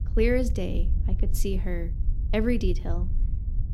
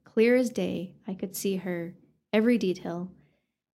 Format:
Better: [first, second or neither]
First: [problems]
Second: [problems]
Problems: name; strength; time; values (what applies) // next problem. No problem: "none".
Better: second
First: low rumble; noticeable; throughout; 15 dB below the speech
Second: none